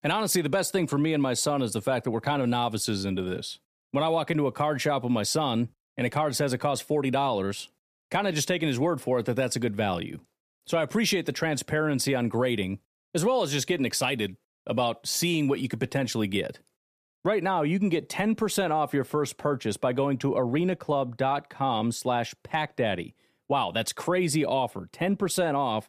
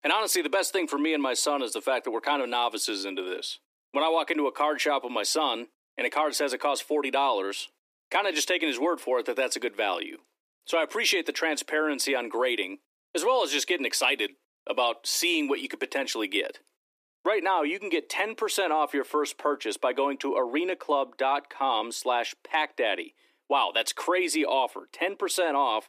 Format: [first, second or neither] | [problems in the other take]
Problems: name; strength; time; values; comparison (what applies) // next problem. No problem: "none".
first | thin; somewhat; fading below 300 Hz